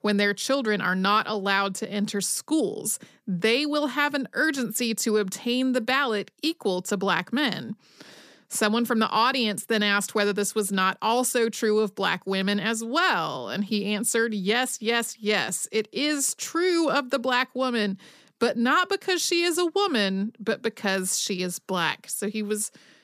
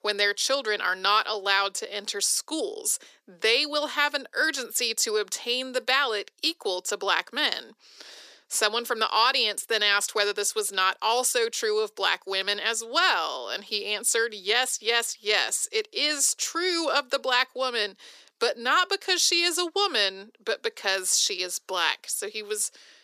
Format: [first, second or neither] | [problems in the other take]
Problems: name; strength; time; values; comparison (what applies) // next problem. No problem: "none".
first | thin; very; fading below 400 Hz